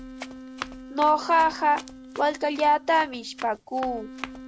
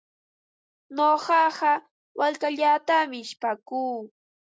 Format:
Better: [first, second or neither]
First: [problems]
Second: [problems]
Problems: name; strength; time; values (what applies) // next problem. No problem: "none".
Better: second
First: background sound (Wind instrument, woodwind instrument + Run); 14 dB below the speech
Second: none